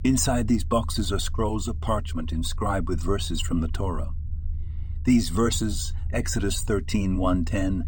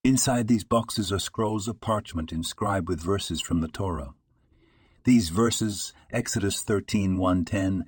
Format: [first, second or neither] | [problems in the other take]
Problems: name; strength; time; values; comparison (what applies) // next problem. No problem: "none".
second | low rumble; faint; throughout; 25 dB below the speech